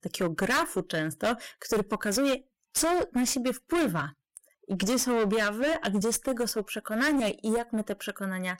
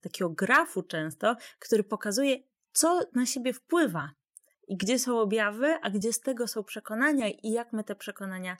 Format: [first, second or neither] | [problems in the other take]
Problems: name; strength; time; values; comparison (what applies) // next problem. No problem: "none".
second | distortion; heavy; 16% of the sound clipped